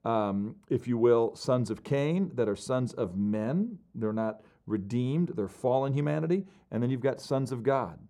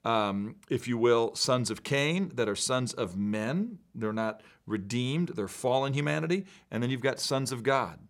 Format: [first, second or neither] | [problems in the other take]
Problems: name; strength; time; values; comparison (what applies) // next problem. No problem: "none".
second | muffled; slightly; fading above 1.5 kHz